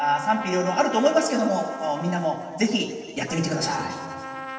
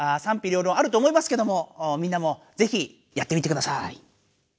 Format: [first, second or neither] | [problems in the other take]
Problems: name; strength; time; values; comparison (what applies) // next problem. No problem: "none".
second | background sound (Trumpet); 11 dB below the speech // room echo; dies away in 2.4 s